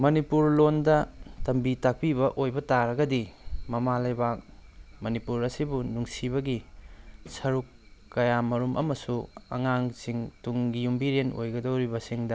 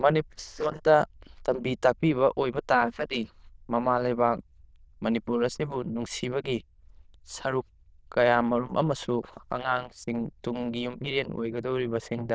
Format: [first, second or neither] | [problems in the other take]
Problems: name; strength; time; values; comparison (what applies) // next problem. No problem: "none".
first | noise reduction (neural diffusion model UNIVERSE++)